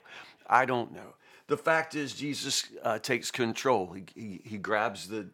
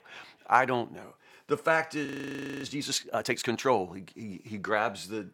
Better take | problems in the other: first | audio freezing; at 2 s for 0.5 s

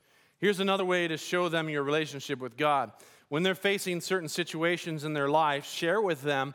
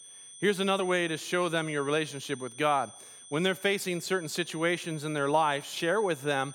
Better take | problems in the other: first | high-pitched whine; noticeable; throughout; 9 kHz, 15 dB below the speech

